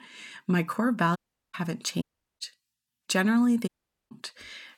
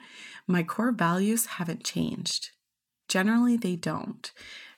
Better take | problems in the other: second | audio cutting out; at 1 s, at 2 s and at 3.5 s

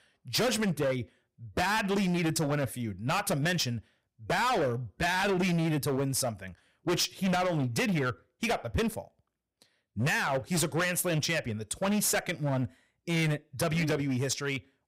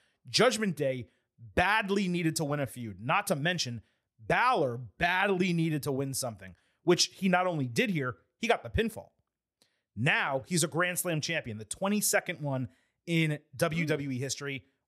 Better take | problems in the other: second | distortion; heavy; 18% of the sound clipped

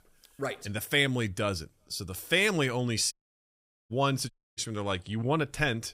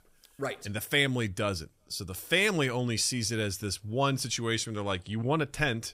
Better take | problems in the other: second | audio cutting out; at 3 s for 1 s and at 4.5 s

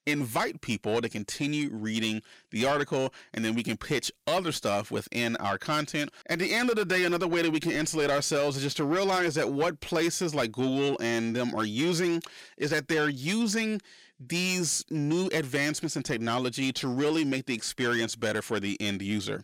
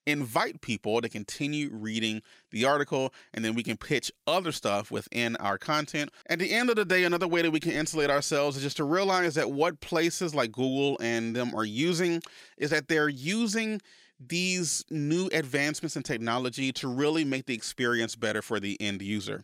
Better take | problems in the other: second | distortion; slight; 10 dB below the speech

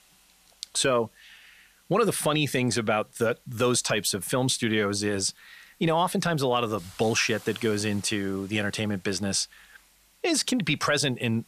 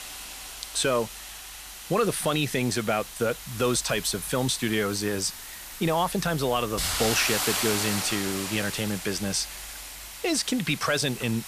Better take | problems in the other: first | hiss; loud; throughout; 6 dB below the speech; faint in the first

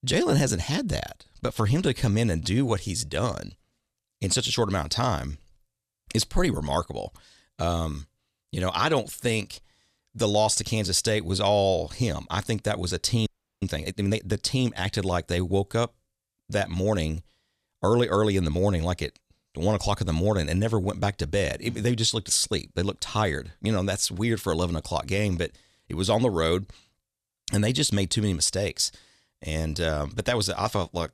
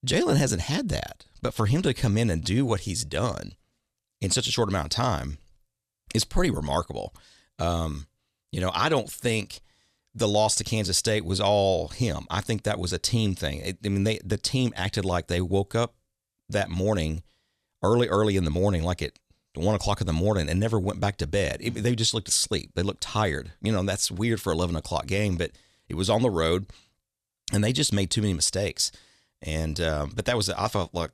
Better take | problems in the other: second | audio freezing; at 13 s

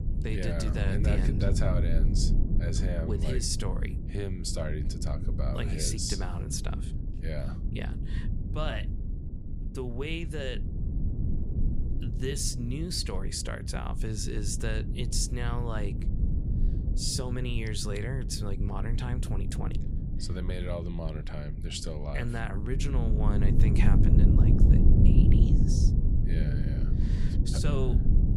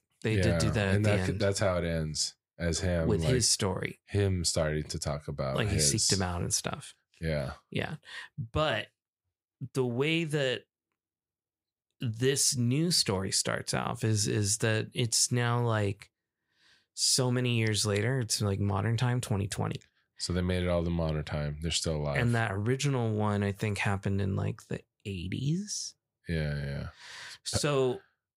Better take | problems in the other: second | low rumble; loud; throughout; 5 dB below the speech

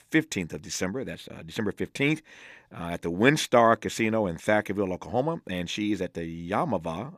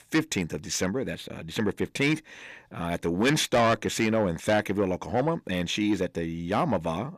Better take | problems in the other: first | distortion; heavy; 8 dB below the speech

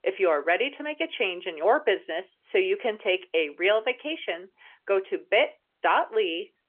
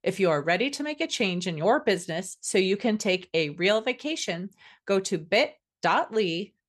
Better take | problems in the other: second | phone-call audio; nothing above 3 kHz

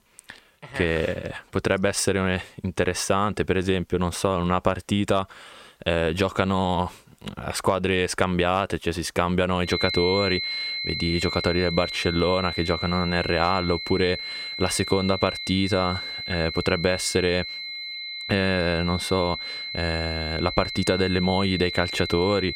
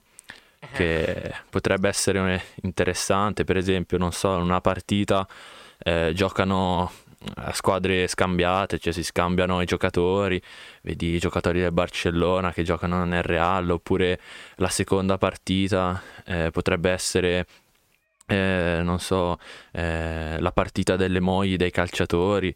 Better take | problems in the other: second | high-pitched whine; loud; from 9.5 s on; 4 kHz, 5 dB below the speech

